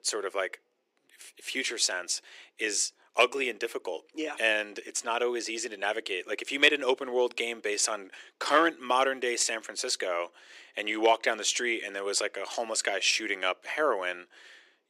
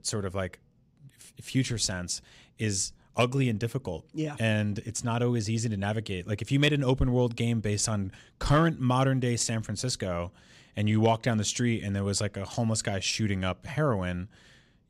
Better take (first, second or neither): second